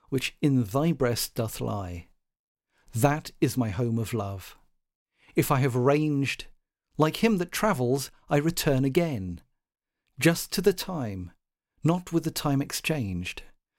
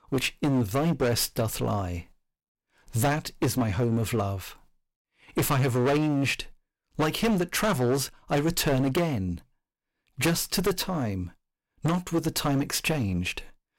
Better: first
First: none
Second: distortion; heavy; 12% of the sound clipped

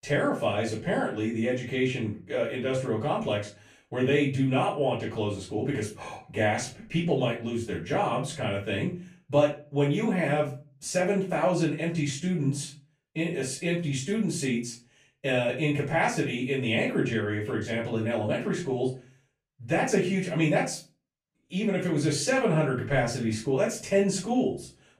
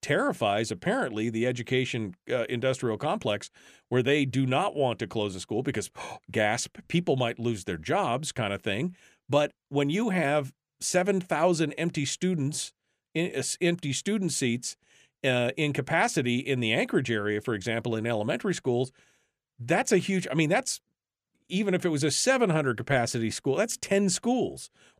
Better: second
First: off-mic speech; far // room echo; slight; dies away in 0.3 s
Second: none

